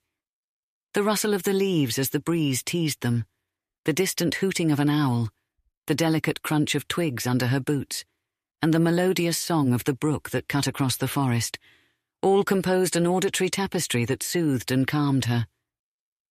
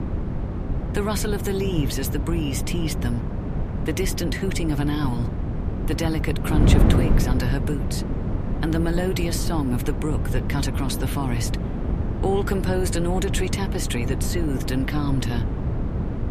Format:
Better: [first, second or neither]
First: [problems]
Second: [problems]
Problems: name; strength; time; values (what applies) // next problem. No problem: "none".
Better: first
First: none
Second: wind noise on the microphone; heavy; 5 dB below the speech